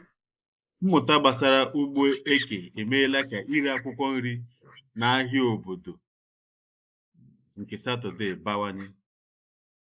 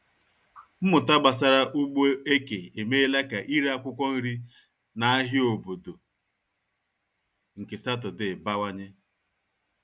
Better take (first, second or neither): second